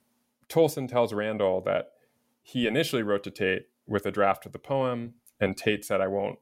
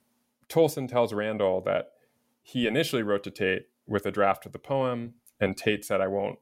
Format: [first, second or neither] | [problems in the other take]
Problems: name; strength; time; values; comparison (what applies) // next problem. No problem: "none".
neither | none